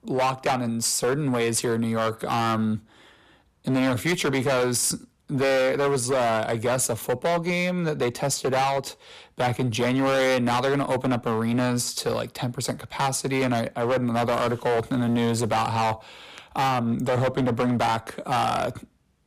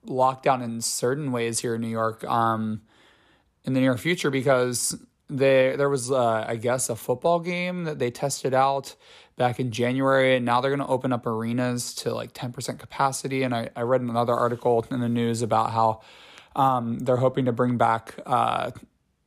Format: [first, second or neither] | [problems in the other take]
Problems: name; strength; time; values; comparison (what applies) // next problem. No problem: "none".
second | distortion; heavy; 18% of the sound clipped